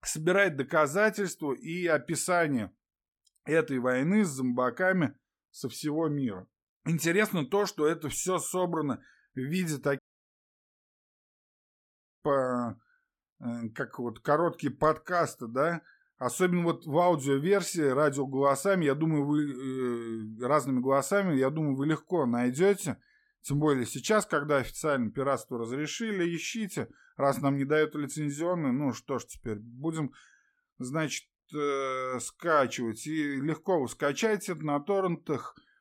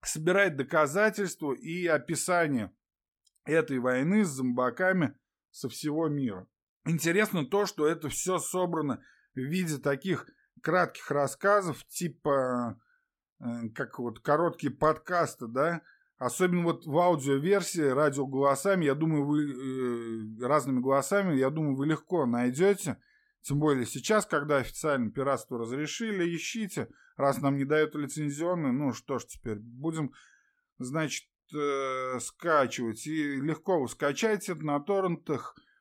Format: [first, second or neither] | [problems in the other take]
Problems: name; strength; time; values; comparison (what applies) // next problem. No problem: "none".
second | audio cutting out; at 10 s for 2 s